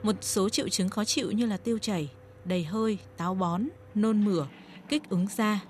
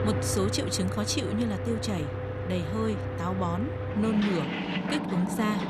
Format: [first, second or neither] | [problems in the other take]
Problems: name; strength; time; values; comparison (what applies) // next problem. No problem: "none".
first | machinery noise; loud; throughout; 2 dB below the speech; faint in the first